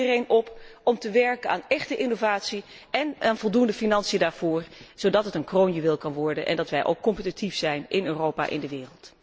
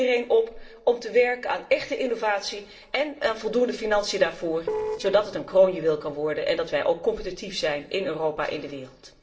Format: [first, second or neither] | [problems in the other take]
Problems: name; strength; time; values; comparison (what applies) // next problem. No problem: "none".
first | noise reduction (neural separator model SepFormer DNS4)